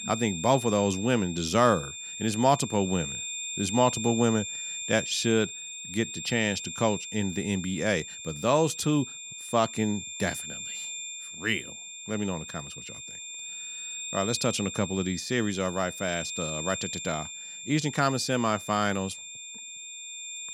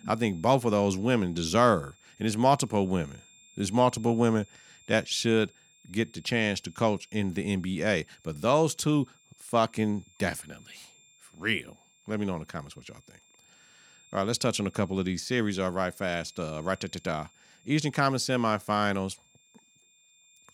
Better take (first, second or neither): second